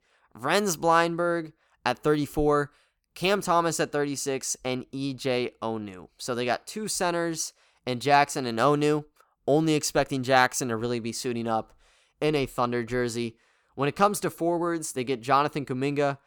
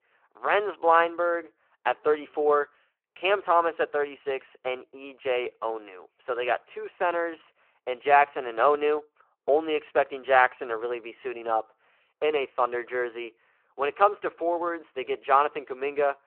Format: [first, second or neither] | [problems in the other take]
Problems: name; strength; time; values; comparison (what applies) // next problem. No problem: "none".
first | phone-call audio